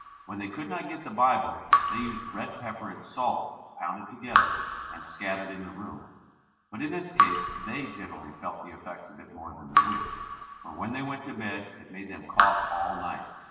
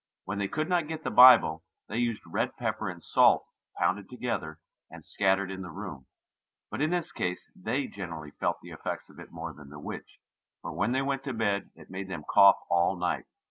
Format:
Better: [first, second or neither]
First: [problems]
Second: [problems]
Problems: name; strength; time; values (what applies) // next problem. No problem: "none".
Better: second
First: background sound (Raindrop / Drip); 2 dB above the speech // room echo; dies away in 1.2 s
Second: none